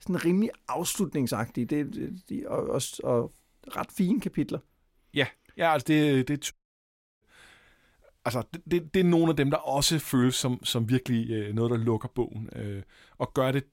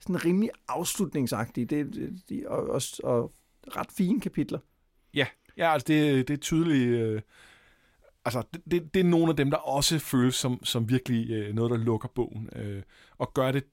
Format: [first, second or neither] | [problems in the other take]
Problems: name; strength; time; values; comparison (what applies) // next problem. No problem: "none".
second | audio cutting out; at 6.5 s for 0.5 s